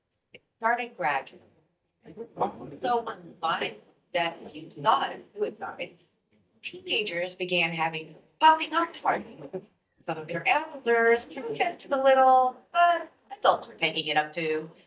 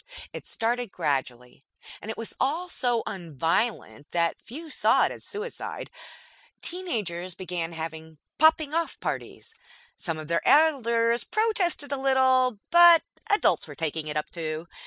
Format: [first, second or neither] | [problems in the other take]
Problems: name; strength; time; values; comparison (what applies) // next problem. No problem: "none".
second | noise reduction (neural mask model DeepFilterNet 3)